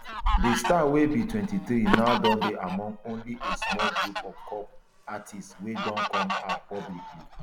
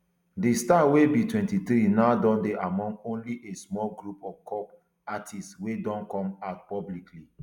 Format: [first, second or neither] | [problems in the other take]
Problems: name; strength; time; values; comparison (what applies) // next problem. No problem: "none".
second | background sound (Fowl); 2 dB below the speech